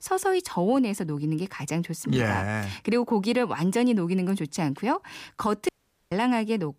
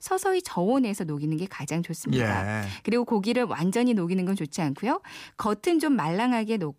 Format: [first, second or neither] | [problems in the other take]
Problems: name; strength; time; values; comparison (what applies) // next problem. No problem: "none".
second | audio cutting out; at 5.5 s